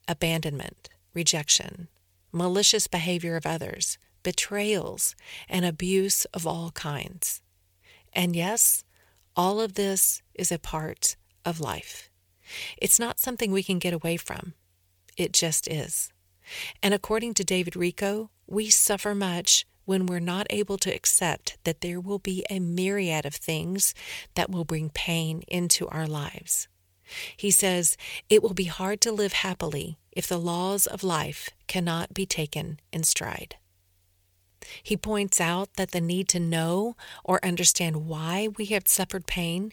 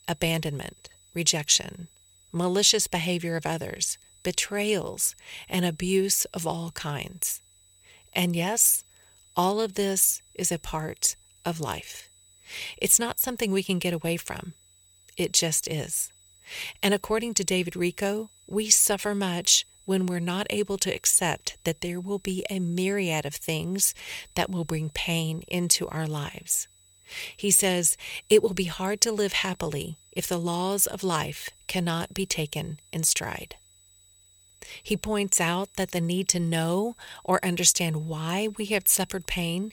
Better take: first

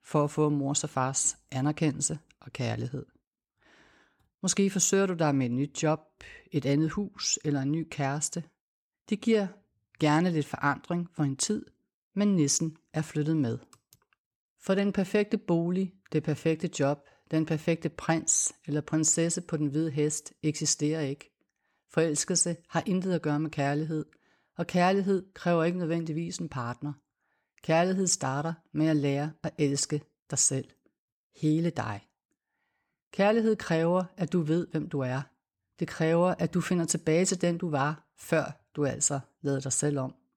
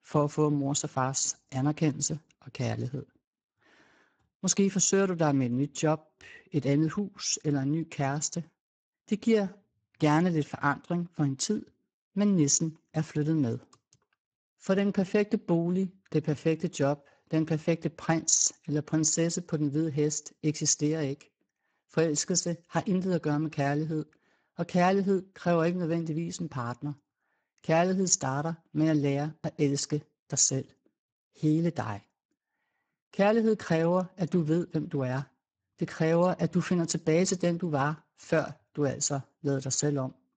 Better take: first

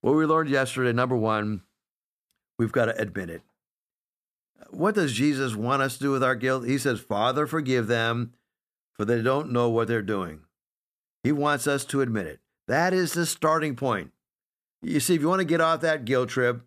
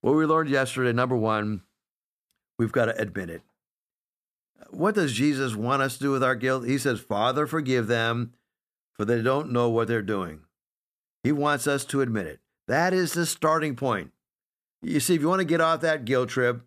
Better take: neither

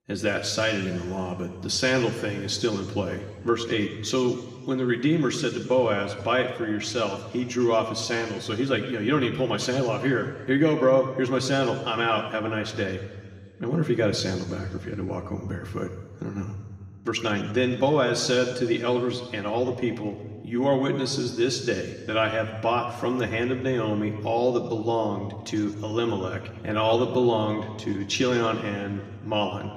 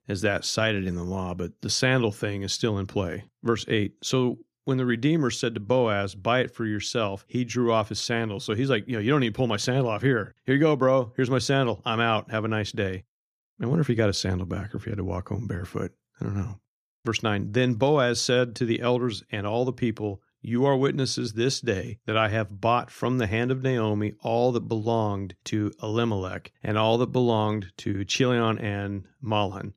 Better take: second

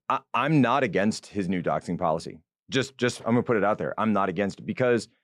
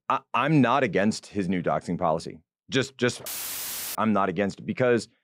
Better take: first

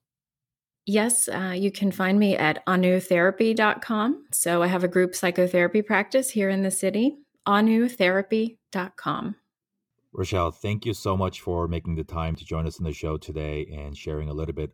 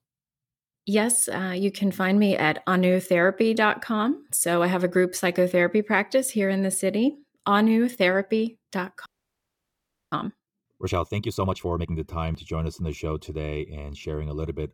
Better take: first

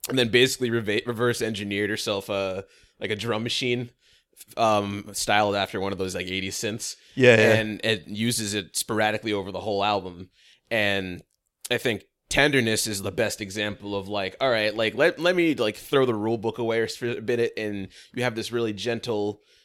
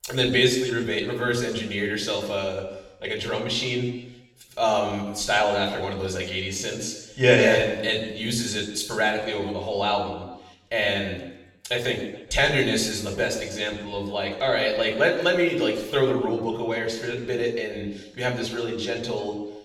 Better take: first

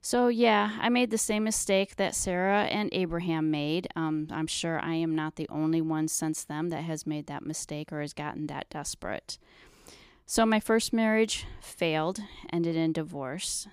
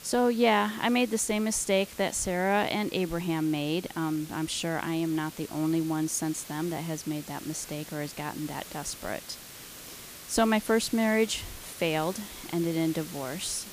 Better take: first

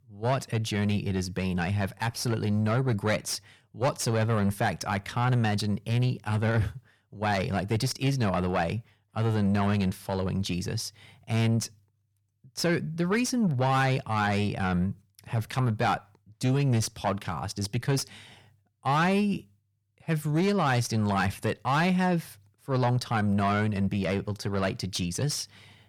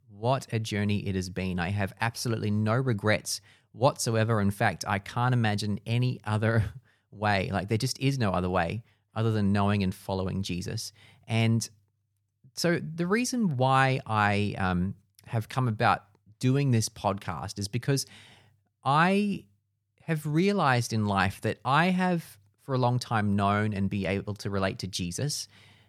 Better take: second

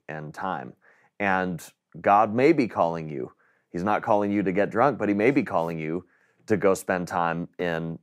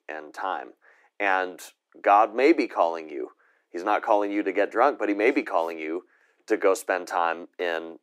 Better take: first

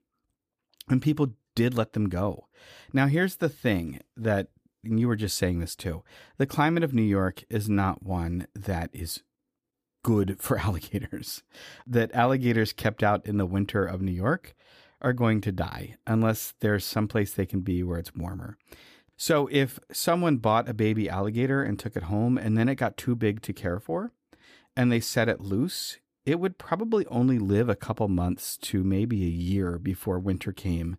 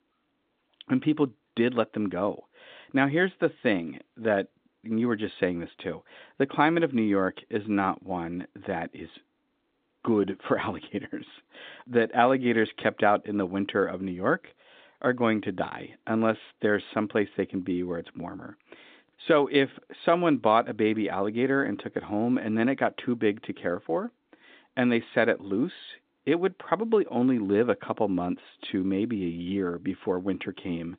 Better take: first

